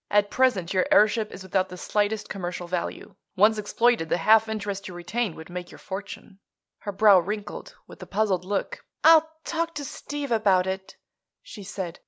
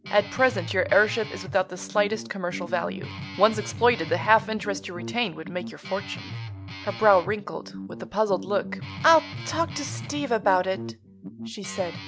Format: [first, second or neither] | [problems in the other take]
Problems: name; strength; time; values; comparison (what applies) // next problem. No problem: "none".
first | background sound (Guitar); 11 dB below the speech